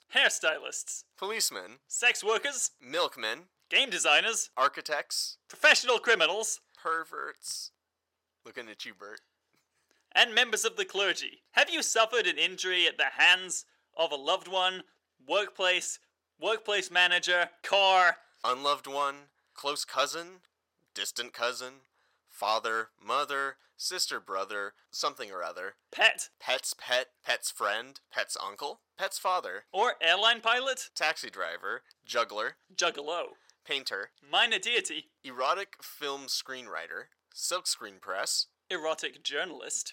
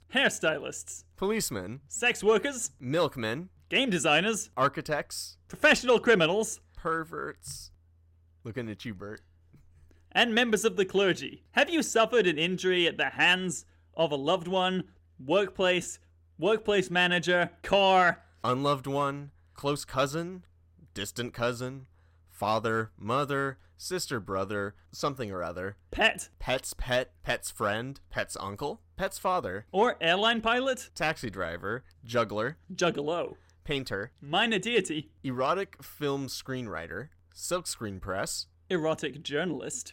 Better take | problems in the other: second | thin; very; fading below 650 Hz

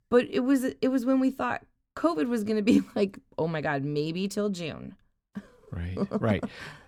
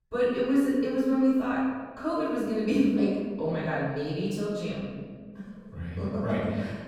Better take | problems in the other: first | off-mic speech; far // room echo; strong; dies away in 1.3 s

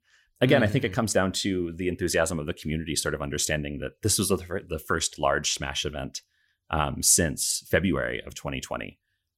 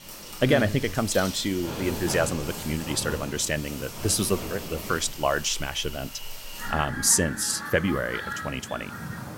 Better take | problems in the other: first | animal sounds; loud; throughout; 9 dB below the speech

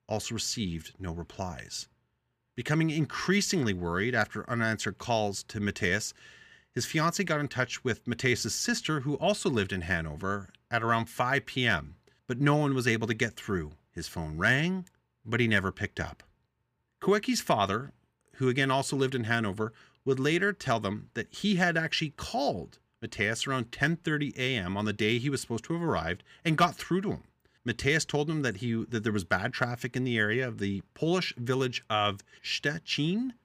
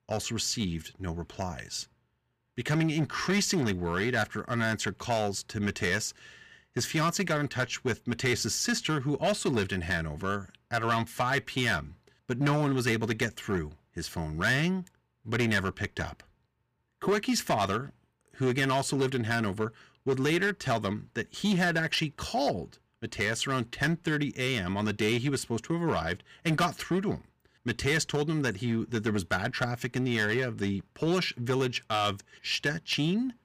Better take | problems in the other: first | distortion; slight; 5% of the sound clipped

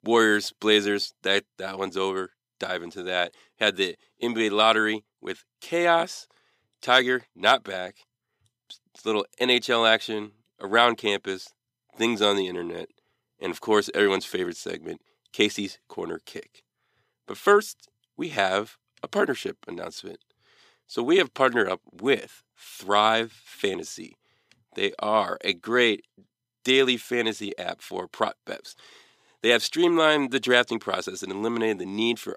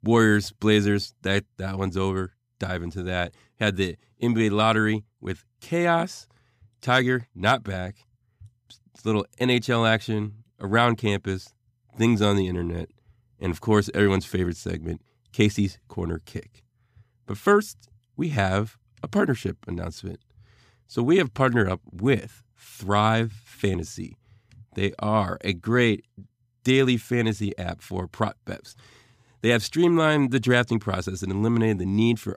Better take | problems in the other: second | thin; somewhat; fading below 400 Hz

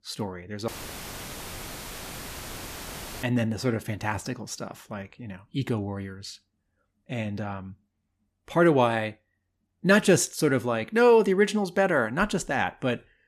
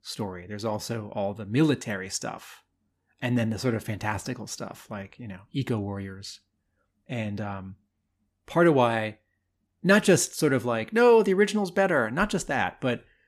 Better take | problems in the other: second | audio cutting out; filled with static; at 0.5 s for 2.5 s

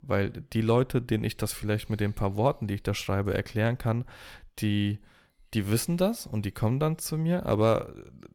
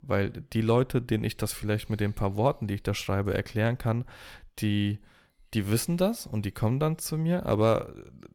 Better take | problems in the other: neither | none

